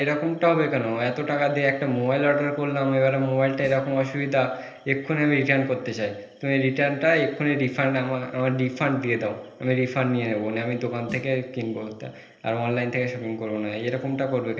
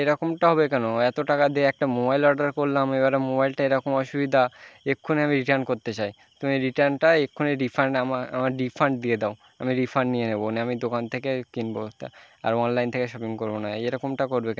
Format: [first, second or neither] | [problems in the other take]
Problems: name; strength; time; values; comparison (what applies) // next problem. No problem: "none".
second | noise reduction (neural separator model SepFormer DNS4)